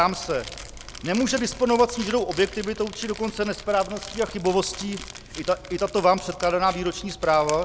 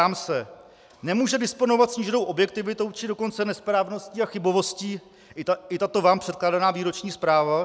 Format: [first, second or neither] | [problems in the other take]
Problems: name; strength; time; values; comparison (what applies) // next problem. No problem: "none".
second | background sound (Crumpling, crinkling); 14 dB below the speech